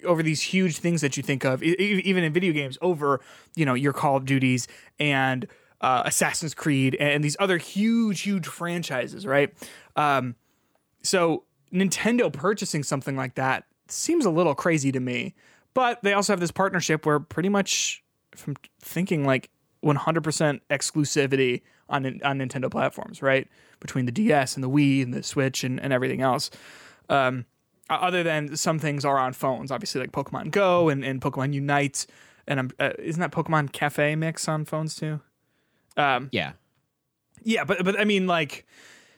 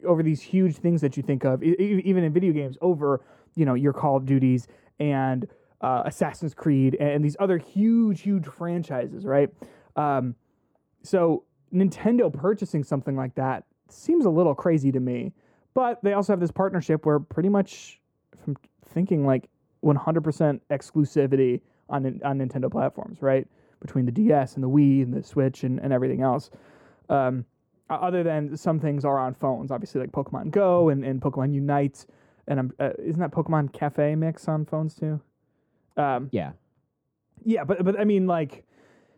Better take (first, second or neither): first